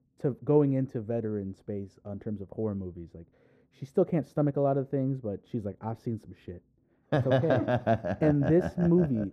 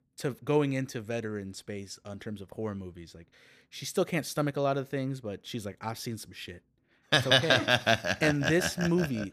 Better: second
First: muffled; very; fading above 1.5 kHz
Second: none

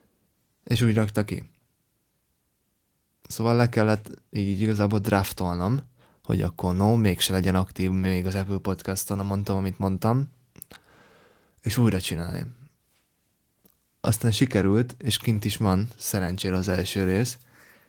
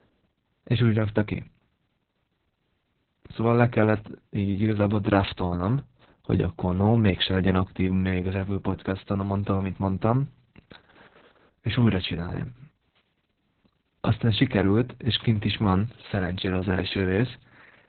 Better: first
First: garbled, watery; slightly; nothing above 17.5 kHz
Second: garbled, watery; badly; nothing above 4 kHz

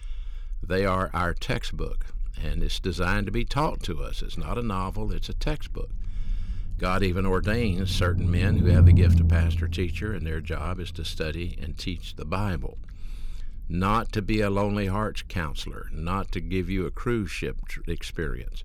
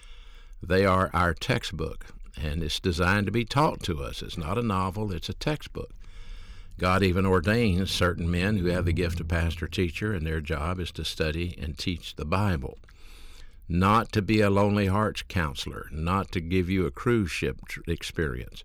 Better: second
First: low rumble; loud; throughout; 6 dB below the speech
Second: low rumble; faint; throughout; 20 dB below the speech

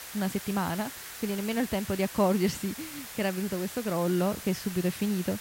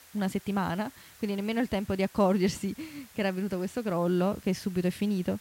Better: second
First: hiss; loud; throughout; 10 dB below the speech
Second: hiss; faint; throughout; 20 dB below the speech

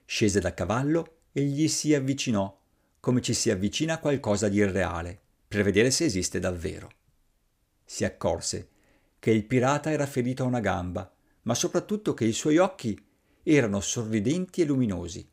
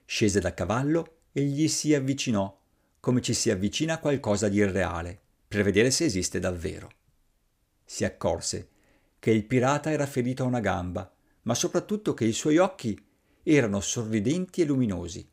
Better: neither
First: none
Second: none

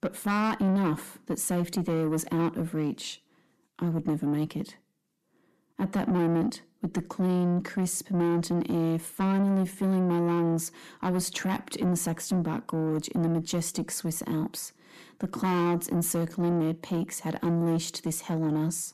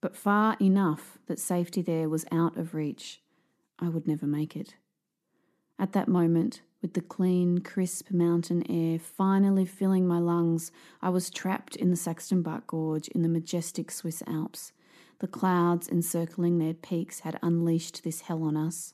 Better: second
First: distortion; slight; 10 dB below the speech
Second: none

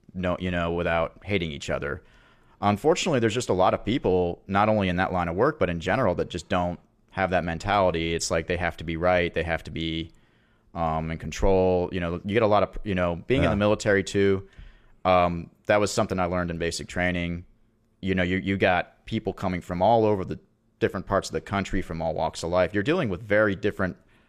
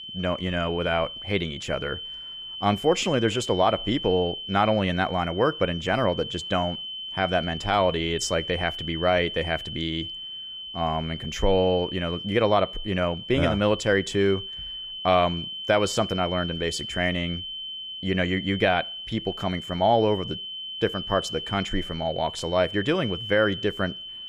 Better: first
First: none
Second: high-pitched whine; loud; throughout; 3 kHz, 8 dB below the speech

